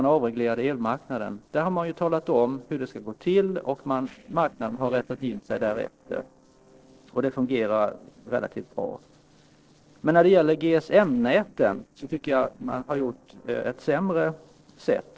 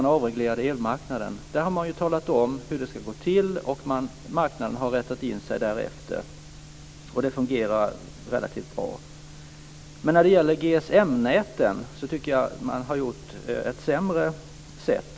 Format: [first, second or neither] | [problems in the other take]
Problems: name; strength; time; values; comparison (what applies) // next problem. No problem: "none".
second | noise reduction (neural separator model SepFormer DNS4)